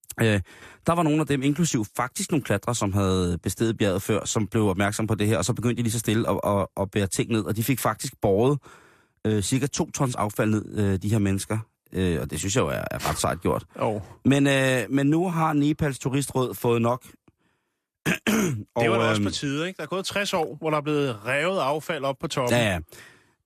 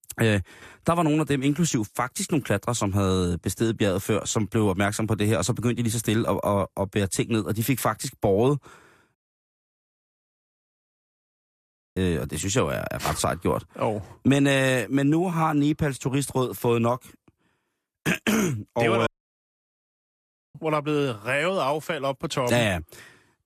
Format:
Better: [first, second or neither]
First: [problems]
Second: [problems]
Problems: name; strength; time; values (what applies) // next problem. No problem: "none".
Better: first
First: none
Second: audio cutting out; at 9 s for 3 s and at 19 s for 1.5 s